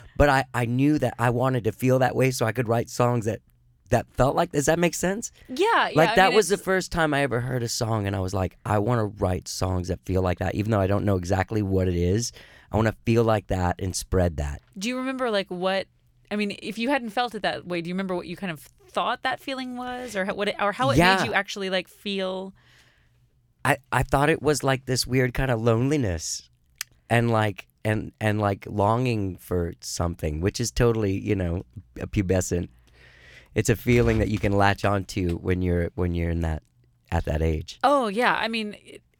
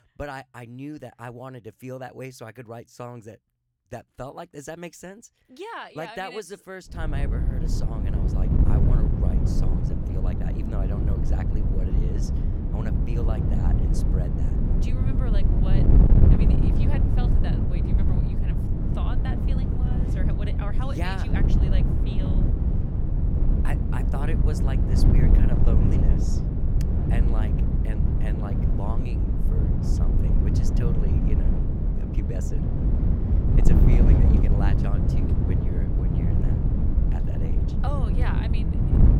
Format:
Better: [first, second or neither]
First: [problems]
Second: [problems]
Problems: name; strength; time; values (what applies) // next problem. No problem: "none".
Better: first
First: none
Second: wind noise on the microphone; heavy; from 7 s on; 3 dB above the speech